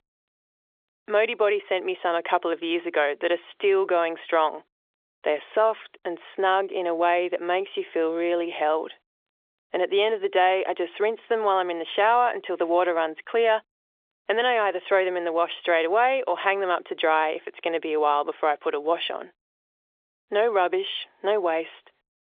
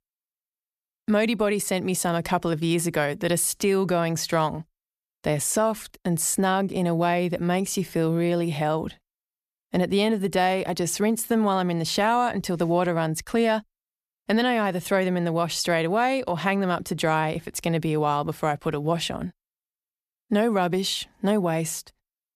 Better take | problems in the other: second | phone-call audio; nothing above 3.5 kHz

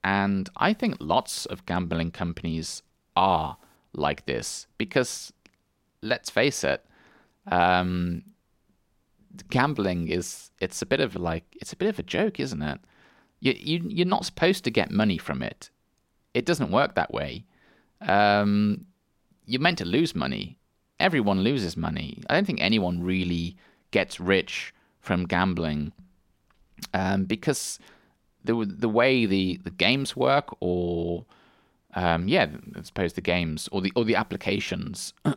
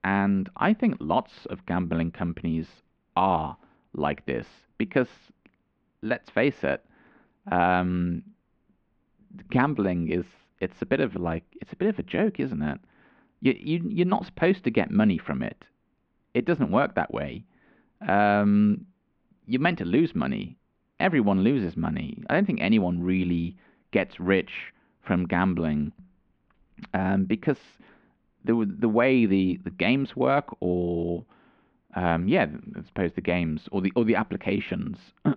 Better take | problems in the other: first | muffled; very; fading above 2.5 kHz

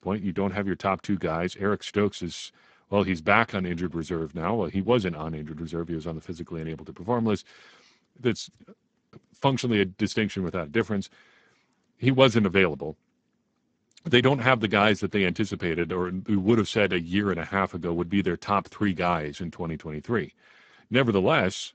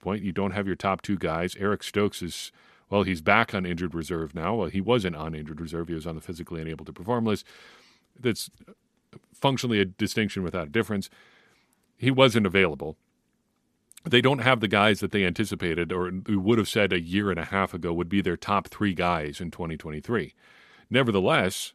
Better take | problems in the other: second | garbled, watery; badly; nothing above 8 kHz

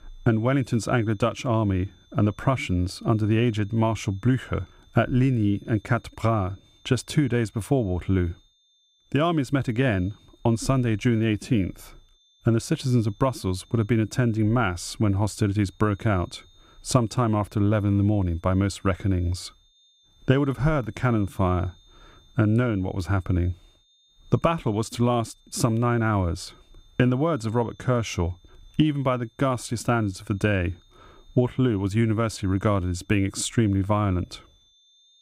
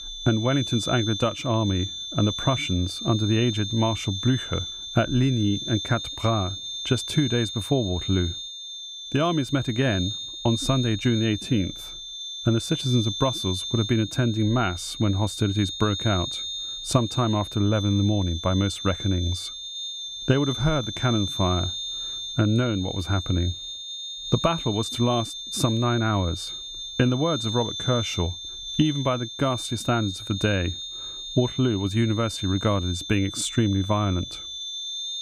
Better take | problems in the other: first | high-pitched whine; loud; throughout; 3.5 kHz, 6 dB below the speech; faint in the first

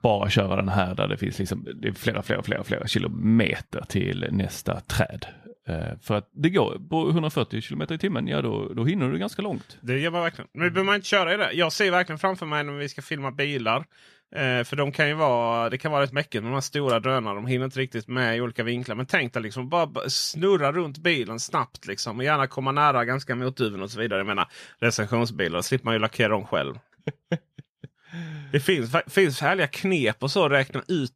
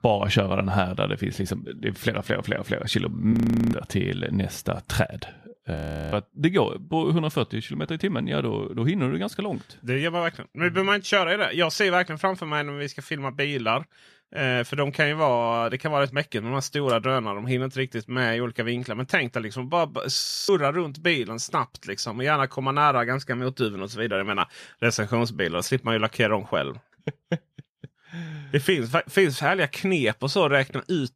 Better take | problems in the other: first | audio freezing; at 3.5 s, at 6 s and at 20 s

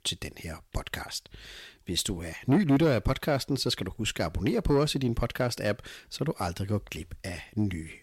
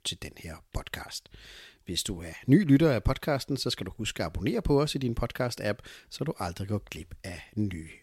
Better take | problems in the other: second | distortion; slight; 10 dB below the speech

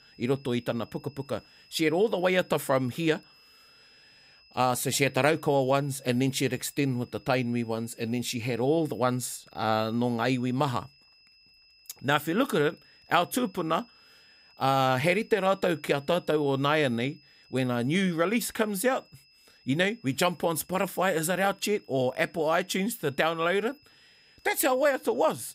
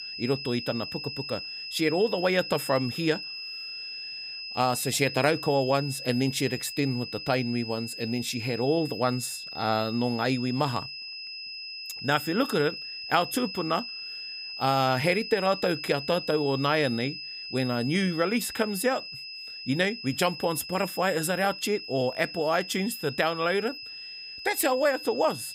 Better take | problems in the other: first | high-pitched whine; loud; throughout; 5 kHz, 8 dB below the speech; faint in the first

